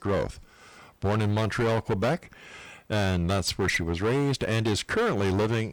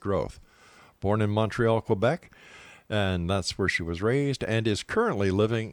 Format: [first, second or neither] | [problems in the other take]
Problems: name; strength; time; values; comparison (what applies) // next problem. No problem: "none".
second | distortion; heavy; 17% of the sound clipped